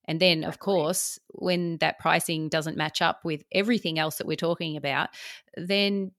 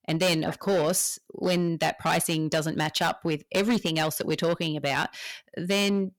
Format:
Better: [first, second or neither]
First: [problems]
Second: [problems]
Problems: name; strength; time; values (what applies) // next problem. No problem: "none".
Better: first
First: none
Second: distortion; heavy; 9% of the sound clipped